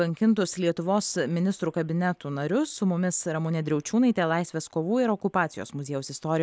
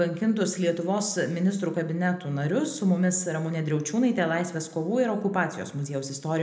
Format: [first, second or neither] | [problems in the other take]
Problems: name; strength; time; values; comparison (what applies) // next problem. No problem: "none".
first | room echo; dies away in 0.7 s